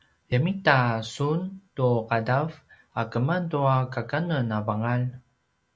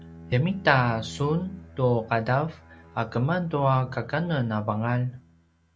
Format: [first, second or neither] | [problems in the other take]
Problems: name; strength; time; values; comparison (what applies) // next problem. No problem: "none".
first | background sound (Bowed string instrument); 19 dB below the speech